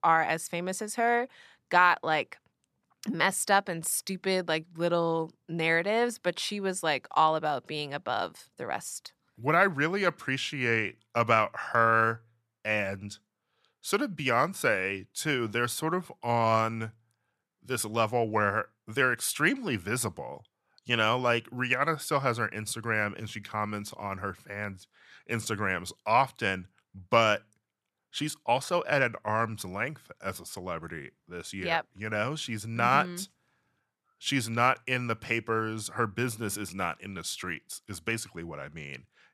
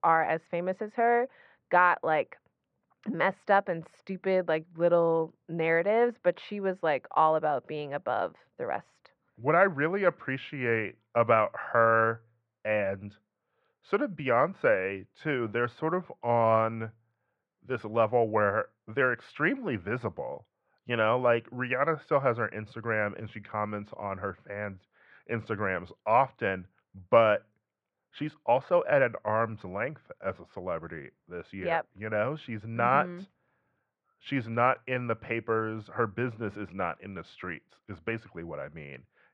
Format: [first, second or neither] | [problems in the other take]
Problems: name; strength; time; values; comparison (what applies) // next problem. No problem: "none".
first | muffled; very; fading above 2 kHz